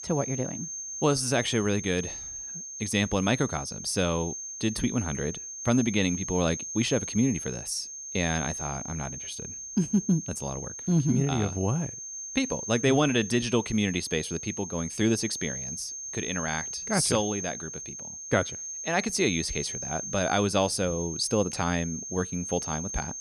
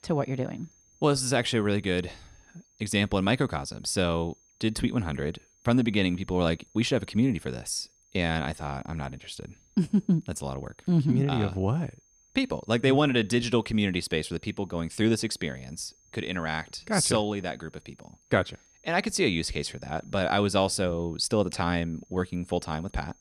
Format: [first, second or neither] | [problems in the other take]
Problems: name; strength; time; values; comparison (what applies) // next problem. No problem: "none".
second | high-pitched whine; loud; throughout; 6.5 kHz, 7 dB below the speech; faint in the second